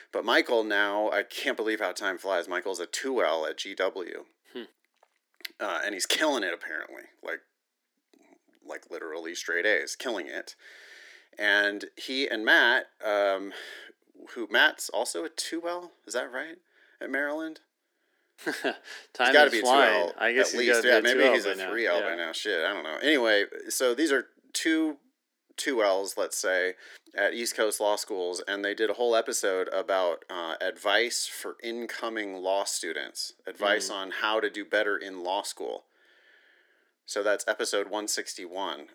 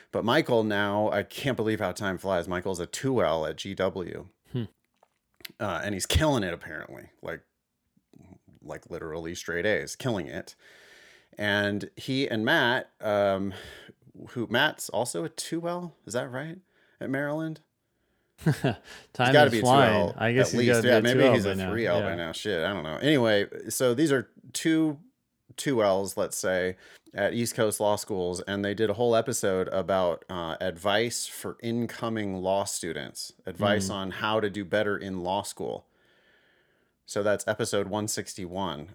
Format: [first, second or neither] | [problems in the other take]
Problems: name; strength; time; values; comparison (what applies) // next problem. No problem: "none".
second | thin; somewhat; fading below 300 Hz